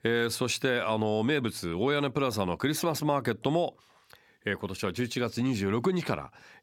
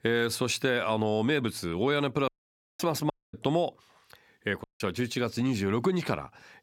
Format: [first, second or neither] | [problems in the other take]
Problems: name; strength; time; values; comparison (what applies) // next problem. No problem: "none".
first | audio cutting out; at 2.5 s for 0.5 s, at 3 s and at 4.5 s